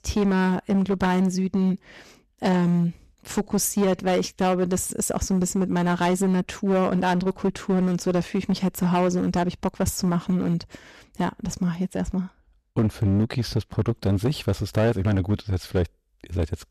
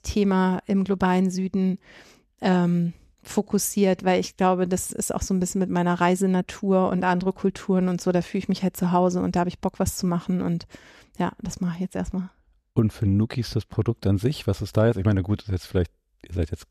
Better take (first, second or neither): second